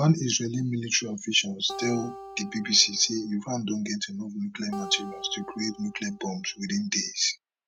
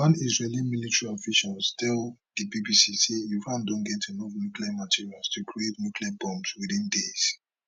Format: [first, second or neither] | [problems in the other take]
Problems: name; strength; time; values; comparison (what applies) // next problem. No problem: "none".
second | background sound (Acoustic guitar); 15 dB below the speech